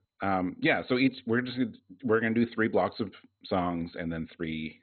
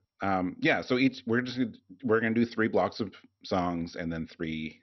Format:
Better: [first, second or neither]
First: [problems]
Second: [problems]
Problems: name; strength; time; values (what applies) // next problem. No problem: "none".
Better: second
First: garbled, watery; badly; nothing above 4 kHz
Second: garbled, watery; slightly; nothing above 6 kHz